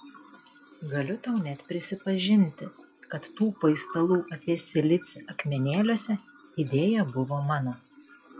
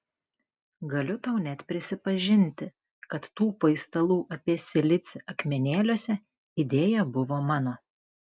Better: second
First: noise reduction (classical method log-MMSE)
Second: none

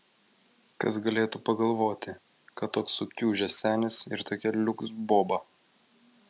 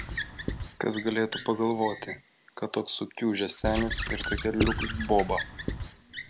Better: first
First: none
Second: background sound (Squeak / Writing); 5 dB below the speech

